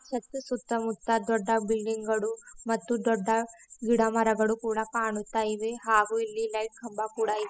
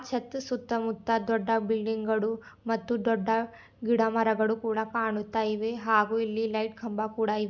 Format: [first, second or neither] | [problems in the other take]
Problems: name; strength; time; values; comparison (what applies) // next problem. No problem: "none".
second | noise reduction (classical method spectral subtraction)